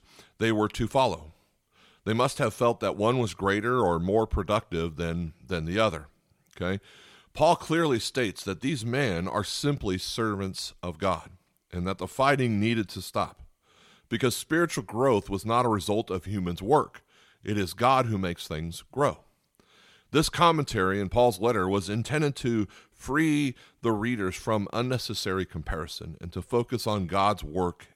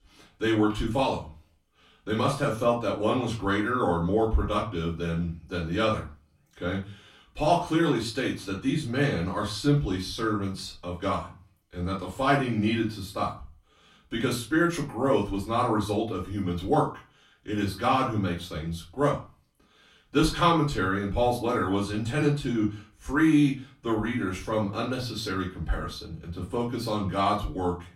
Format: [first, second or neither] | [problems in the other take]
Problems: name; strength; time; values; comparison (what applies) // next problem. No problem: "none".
first | room echo; slight; dies away in 0.3 s // off-mic speech; far